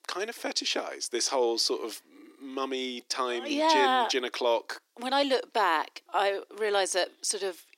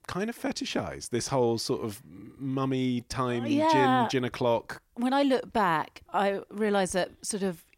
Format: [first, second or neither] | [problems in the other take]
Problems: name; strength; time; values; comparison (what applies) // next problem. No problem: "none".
second | thin; somewhat; fading below 300 Hz